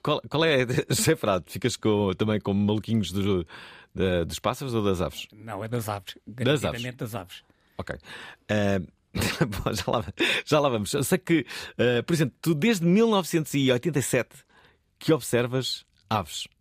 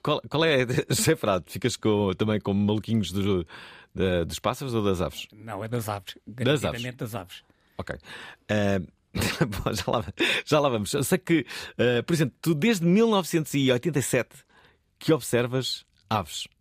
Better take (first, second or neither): neither